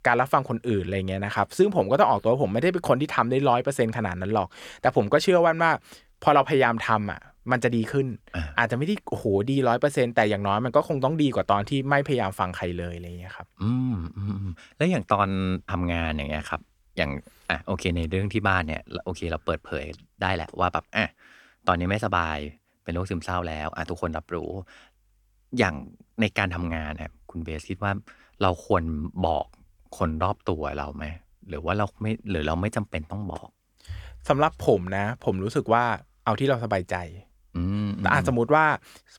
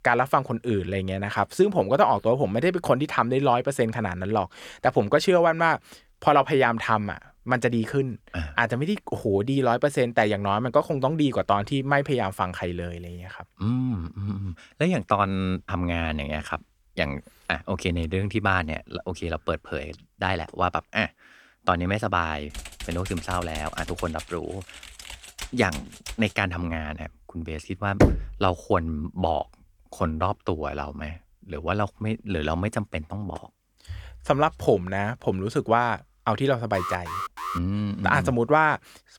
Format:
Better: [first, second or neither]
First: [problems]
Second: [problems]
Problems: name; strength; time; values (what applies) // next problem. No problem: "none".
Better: first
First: none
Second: keyboard typing; faint; from 23 to 26 s; peak 10 dB below the speech // door banging; loud; at 28 s; peak 4 dB above the speech // alarm; noticeable; at 37 s; peak 6 dB below the speech